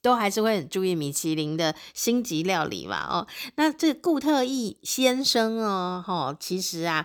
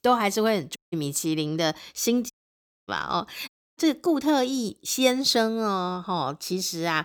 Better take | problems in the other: first | audio cutting out; at 1 s, at 2.5 s for 0.5 s and at 3.5 s

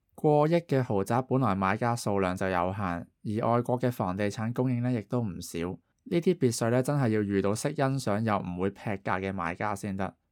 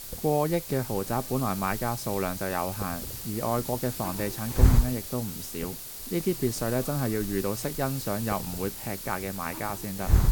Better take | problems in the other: first | hiss; loud; throughout; 2 dB below the speech

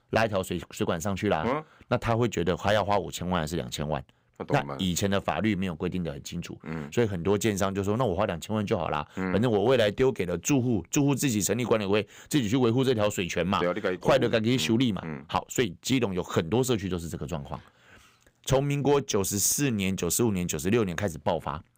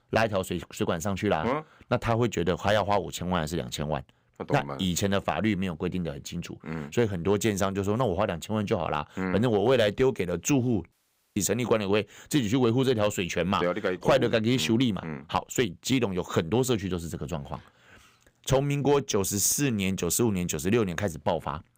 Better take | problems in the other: first | audio cutting out; at 11 s

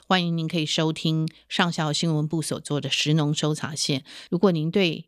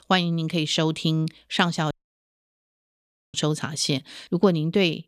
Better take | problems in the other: first | audio cutting out; at 2 s for 1.5 s

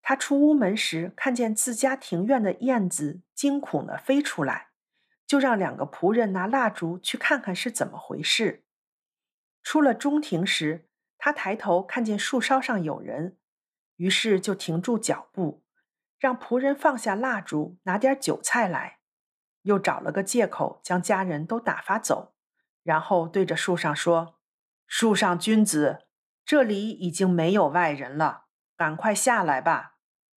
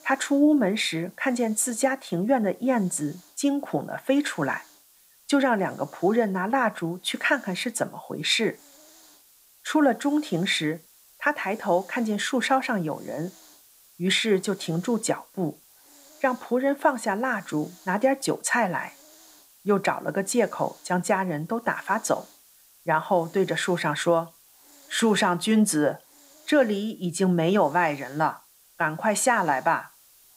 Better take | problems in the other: first | hiss; faint; throughout; 25 dB below the speech

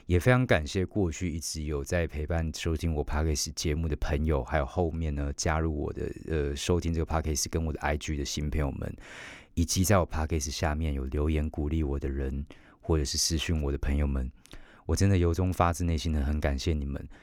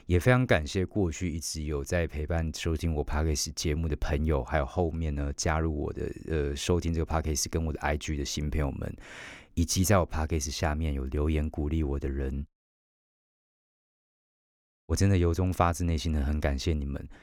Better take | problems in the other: first | audio cutting out; at 12 s for 2.5 s

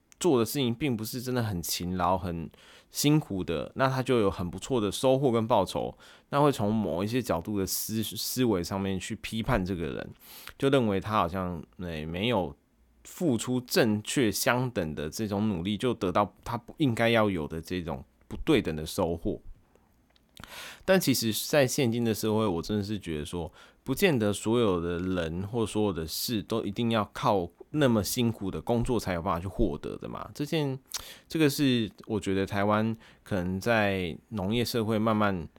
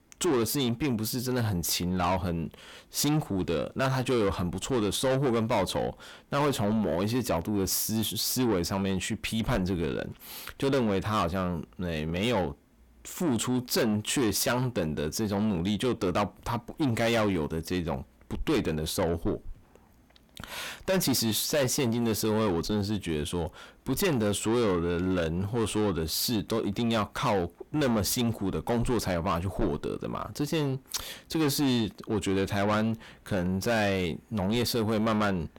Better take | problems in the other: first | distortion; heavy; 7 dB below the speech

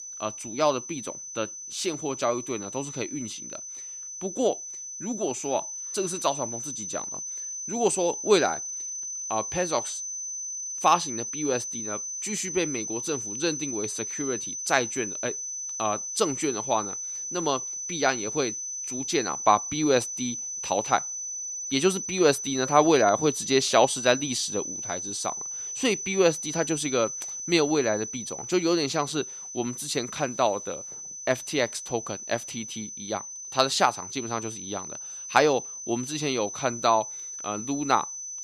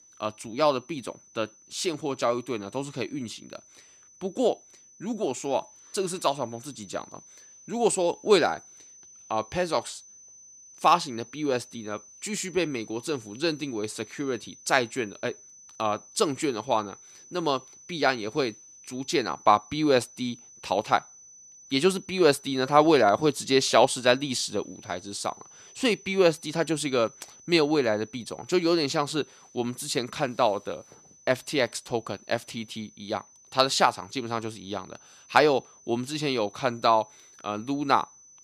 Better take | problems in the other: second | high-pitched whine; loud; throughout; 6 kHz, 5 dB below the speech; faint in the second

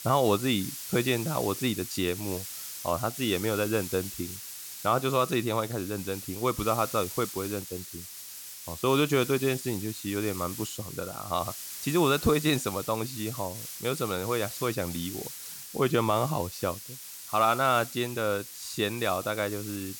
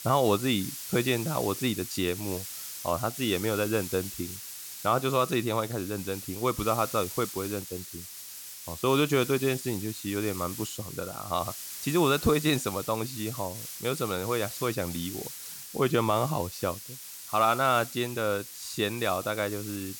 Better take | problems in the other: neither | hiss; loud; throughout; 9 dB below the speech; the same in both

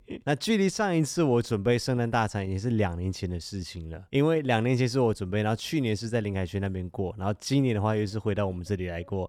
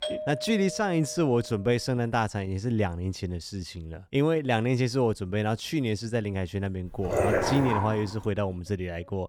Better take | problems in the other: first | doorbell; noticeable; until 1.5 s; peak 5 dB below the speech // dog barking; loud; from 7 to 8 s; peak 3 dB above the speech

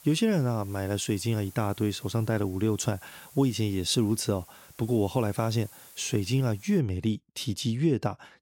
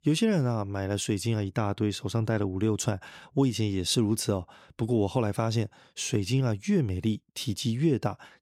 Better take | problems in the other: second | hiss; faint; until 7 s; 20 dB below the speech

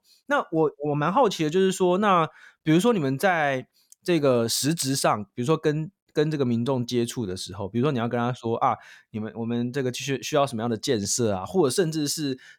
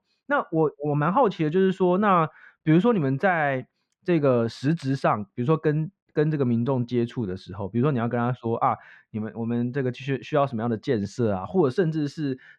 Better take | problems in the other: first | muffled; very; fading above 2 kHz

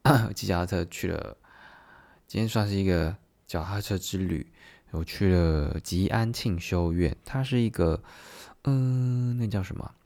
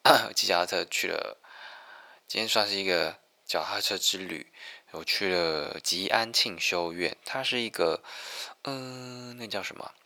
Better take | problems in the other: first | thin; very; fading below 550 Hz

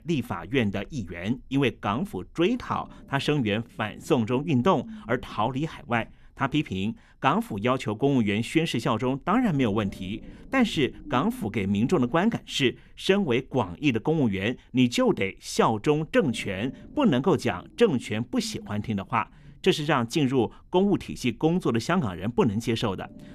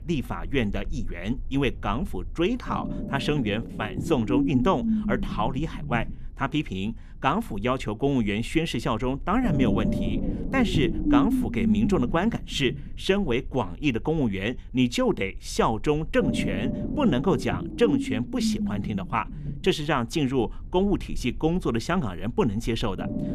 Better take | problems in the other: first | low rumble; loud; throughout; 6 dB below the speech; faint in the first

